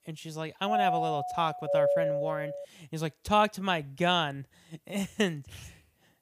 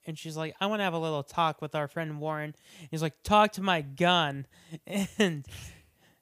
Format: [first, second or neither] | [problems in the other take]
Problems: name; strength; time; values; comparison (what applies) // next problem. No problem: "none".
second | doorbell; loud; from 0.5 to 2.5 s; peak 5 dB above the speech